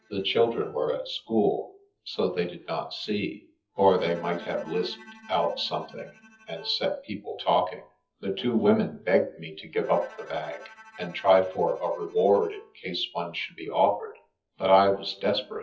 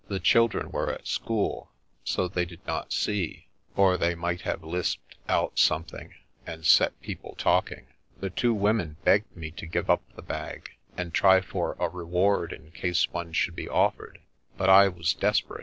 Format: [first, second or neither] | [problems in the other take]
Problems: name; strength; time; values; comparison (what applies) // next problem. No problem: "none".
second | noise reduction (classical method WPE with log-MMSE)